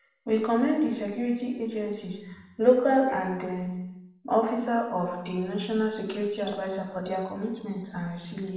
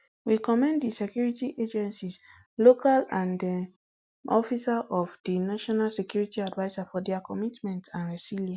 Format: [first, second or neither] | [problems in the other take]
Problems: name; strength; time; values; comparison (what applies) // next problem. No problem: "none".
second | room echo; dies away in 0.9 s